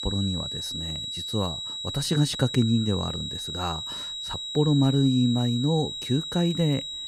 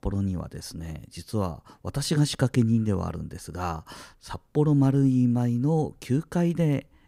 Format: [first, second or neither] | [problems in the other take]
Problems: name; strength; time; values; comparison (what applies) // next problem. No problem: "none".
second | high-pitched whine; loud; throughout; 4 kHz, 6 dB below the speech